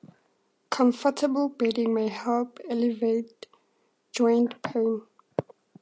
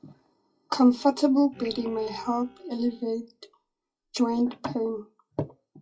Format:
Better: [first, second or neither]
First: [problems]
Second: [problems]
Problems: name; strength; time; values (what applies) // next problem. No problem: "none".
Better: first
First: none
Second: noise reduction (classical method WPE with log-MMSE)